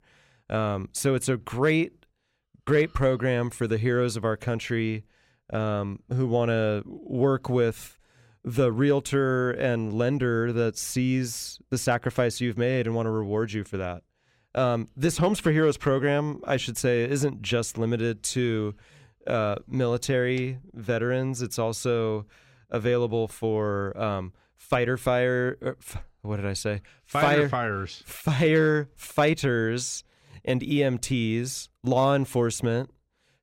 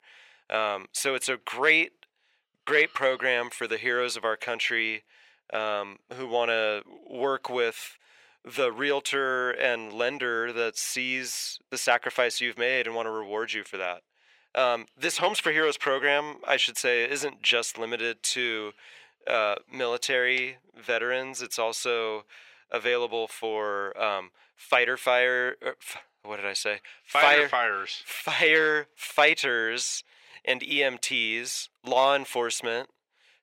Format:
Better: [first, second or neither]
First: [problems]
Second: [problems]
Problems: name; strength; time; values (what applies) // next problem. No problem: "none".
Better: first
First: none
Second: thin; very; fading below 600 Hz